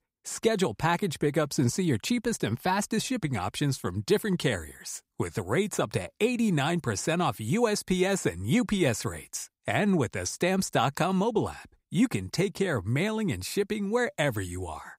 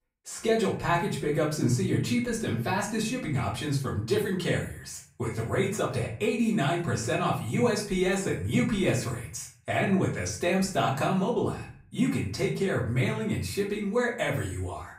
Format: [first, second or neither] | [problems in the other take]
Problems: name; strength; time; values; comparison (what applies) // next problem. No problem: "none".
first | off-mic speech; far // room echo; slight; dies away in 0.4 s